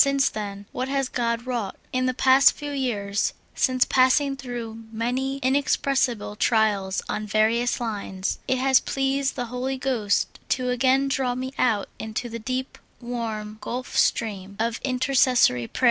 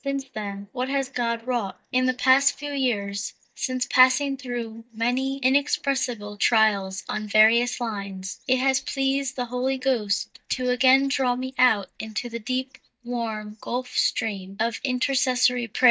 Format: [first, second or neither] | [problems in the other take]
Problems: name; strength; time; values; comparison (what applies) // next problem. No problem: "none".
first | noise reduction (neural mask model DeepFilterNet 3)